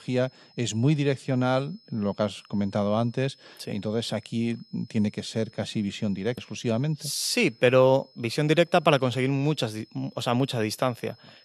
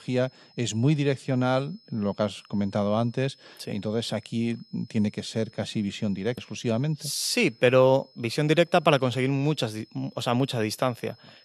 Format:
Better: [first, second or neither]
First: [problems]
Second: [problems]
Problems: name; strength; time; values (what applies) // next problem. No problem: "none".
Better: neither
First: high-pitched whine; faint; throughout; 5 kHz, 30 dB below the speech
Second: high-pitched whine; faint; throughout; 5 kHz, 30 dB below the speech